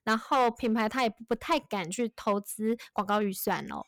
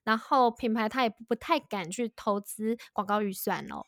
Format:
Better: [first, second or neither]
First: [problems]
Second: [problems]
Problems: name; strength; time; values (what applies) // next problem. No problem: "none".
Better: second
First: distortion; slight; 4% of the sound clipped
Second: none